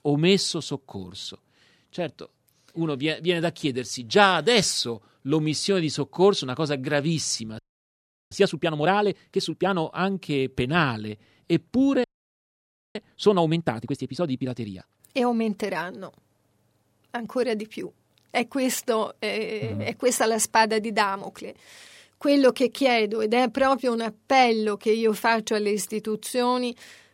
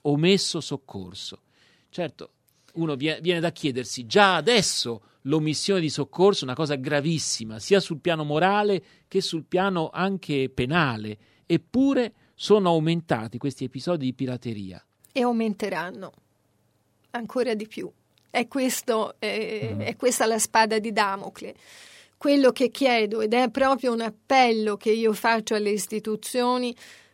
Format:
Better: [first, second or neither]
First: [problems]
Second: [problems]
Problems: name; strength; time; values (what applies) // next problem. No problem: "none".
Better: second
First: audio freezing; at 7.5 s for 0.5 s and at 12 s for 1 s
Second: none